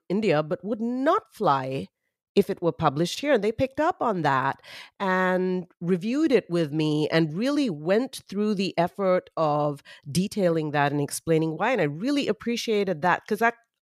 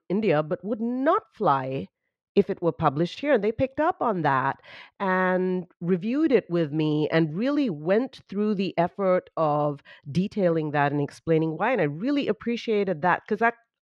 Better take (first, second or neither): first